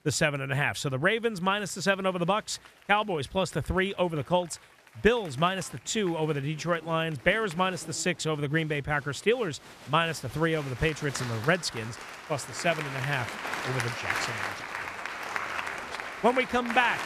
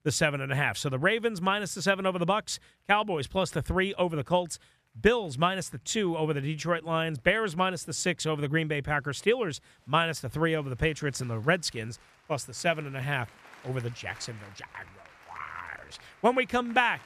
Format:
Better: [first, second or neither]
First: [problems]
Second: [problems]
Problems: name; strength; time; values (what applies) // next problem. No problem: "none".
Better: second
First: crowd noise; loud; throughout; 8 dB below the speech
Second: crowd noise; faint; throughout; 25 dB below the speech